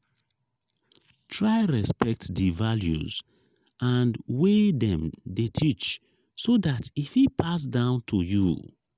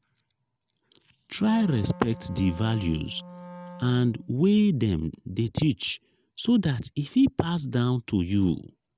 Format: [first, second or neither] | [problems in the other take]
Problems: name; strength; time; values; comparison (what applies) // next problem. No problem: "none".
first | background sound (Wind instrument, woodwind instrument); 17 dB below the speech